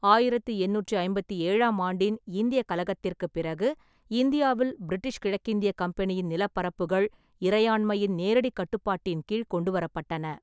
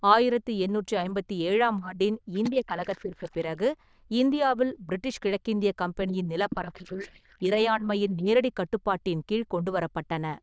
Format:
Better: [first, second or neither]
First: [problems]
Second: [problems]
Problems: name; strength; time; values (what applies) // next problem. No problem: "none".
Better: first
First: none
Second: noise reduction (neural diffusion model UNIVERSE++)